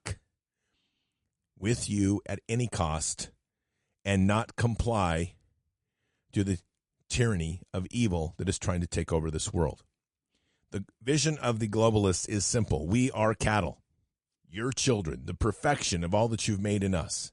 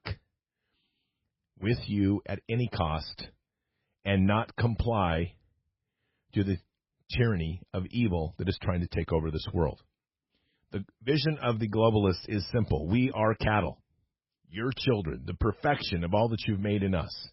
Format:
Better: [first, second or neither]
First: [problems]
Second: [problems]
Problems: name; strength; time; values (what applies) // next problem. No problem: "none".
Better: first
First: garbled, watery; slightly; nothing above 10.5 kHz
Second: garbled, watery; badly; nothing above 5.5 kHz